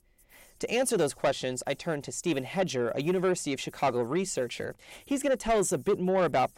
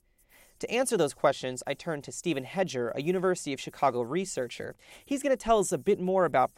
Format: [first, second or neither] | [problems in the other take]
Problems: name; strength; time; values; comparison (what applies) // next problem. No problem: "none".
second | distortion; slight; 10 dB below the speech